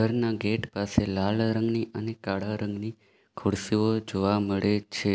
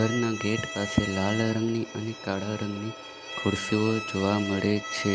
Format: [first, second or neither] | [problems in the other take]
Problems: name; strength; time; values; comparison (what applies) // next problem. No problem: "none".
first | background sound (Bowed string instrument); 9 dB below the speech